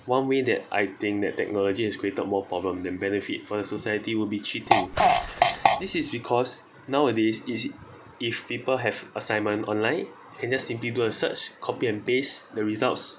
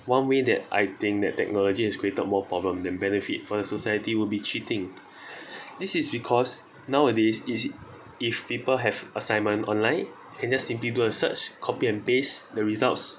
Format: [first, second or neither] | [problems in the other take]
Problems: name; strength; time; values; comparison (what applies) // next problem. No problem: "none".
second | background sound (Fart); 5 dB above the speech